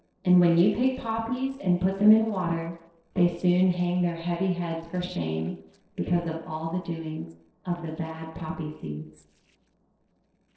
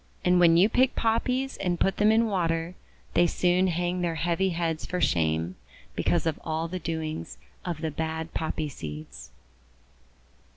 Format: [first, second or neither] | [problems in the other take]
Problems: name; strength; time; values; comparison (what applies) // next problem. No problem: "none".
second | noise reduction (neural separator model SepFormer DNS4)